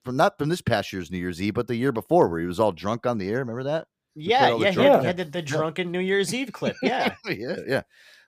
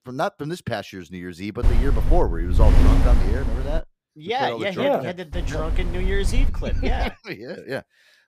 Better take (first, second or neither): first